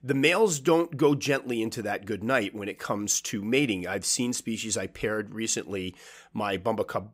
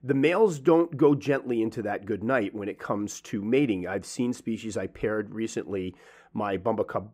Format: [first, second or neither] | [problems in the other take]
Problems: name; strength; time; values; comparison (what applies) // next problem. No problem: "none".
first | muffled; slightly; fading above 2.5 kHz